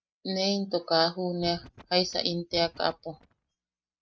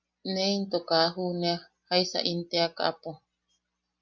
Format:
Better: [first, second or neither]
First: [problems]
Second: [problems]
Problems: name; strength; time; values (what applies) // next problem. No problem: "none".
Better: second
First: noise reduction (neural mask model RNNoise)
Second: none